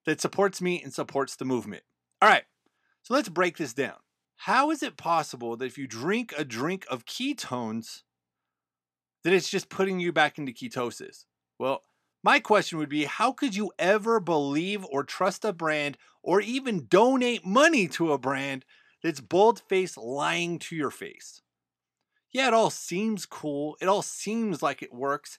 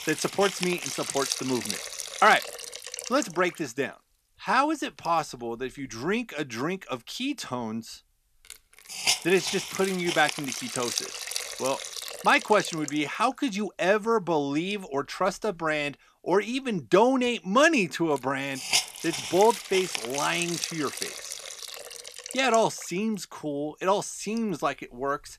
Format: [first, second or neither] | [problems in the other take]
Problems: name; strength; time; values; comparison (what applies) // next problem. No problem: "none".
first | hiss; loud; throughout; 5 dB below the speech